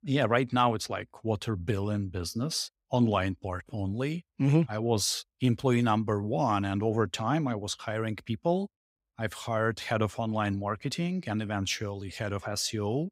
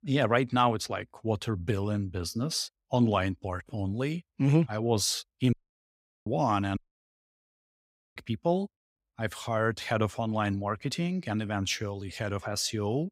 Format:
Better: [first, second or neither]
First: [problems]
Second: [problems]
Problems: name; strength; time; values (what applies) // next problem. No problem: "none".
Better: first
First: none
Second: audio cutting out; at 5.5 s for 0.5 s and at 7 s for 1.5 s